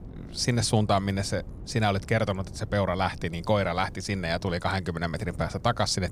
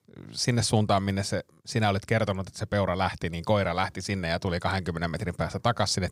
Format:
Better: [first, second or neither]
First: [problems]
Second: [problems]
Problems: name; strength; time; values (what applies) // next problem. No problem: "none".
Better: second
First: wind noise on the microphone; occasional gusts; 25 dB below the speech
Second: none